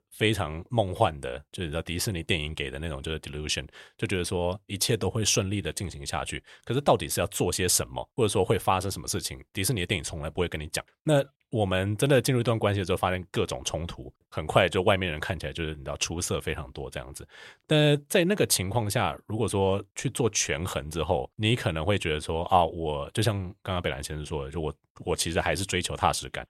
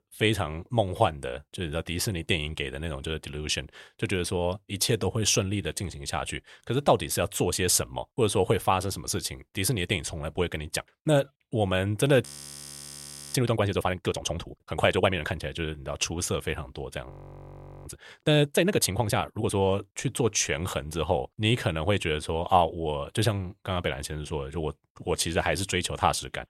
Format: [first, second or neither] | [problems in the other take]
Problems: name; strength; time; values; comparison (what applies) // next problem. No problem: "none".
first | audio freezing; at 12 s for 1 s and at 17 s for 1 s